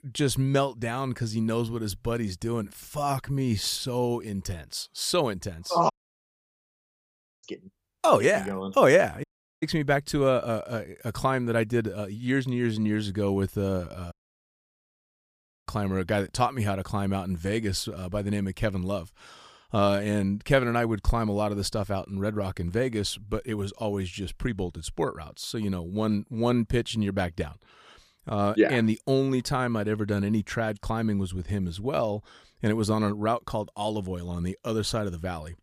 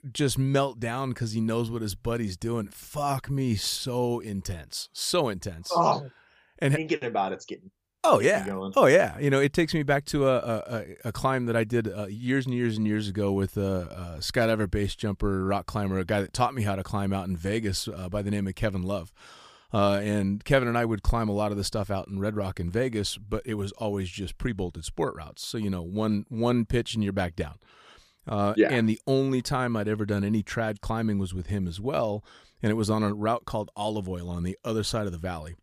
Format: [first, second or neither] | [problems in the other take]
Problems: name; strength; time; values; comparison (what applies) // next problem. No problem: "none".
second | audio cutting out; at 6 s for 1.5 s, at 9 s and at 14 s for 1.5 s